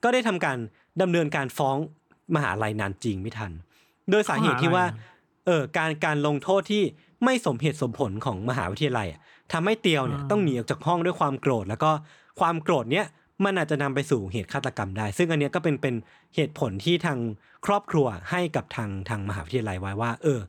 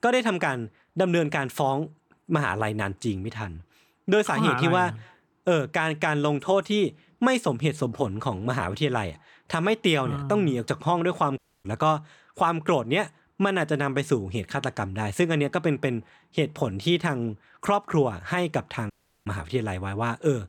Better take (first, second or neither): first